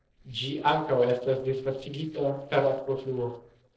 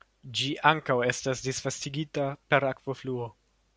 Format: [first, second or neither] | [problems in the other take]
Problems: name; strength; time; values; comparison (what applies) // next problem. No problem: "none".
second | noise reduction (neural separator model SepFormer DNS4)